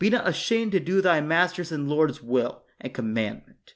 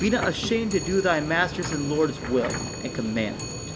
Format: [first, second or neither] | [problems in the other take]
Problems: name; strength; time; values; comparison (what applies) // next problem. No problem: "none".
first | background sound (Clock + Subway, metro, underground); 7 dB below the speech